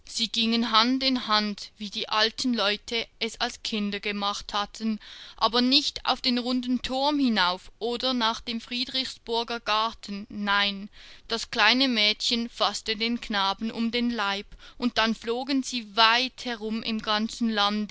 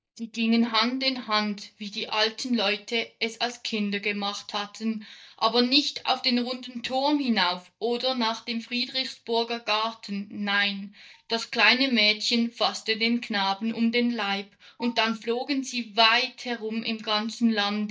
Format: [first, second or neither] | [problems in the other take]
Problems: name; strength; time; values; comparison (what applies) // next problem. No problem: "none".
first | noise reduction (neural mask model DeepFilterNet 3)